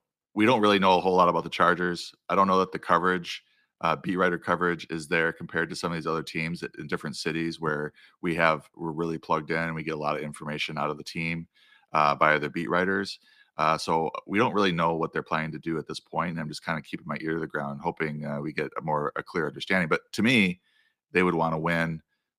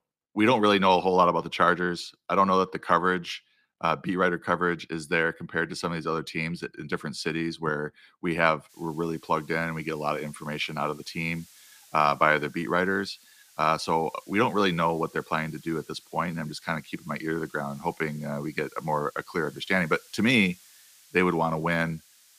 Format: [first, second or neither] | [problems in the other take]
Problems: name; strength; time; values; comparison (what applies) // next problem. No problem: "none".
first | hiss; faint; from 8.5 s on; 25 dB below the speech